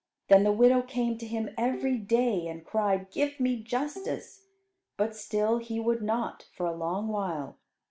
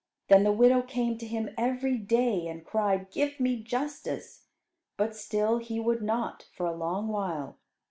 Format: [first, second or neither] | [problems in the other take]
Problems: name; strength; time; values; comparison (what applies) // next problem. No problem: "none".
second | background sound (Bowed string instrument); 18 dB below the speech